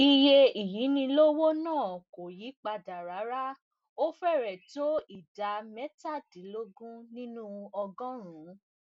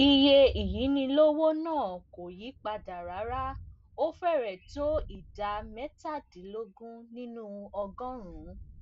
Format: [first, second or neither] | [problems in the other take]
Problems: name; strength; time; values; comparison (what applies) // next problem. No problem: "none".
first | background sound (Thunder); 16 dB below the speech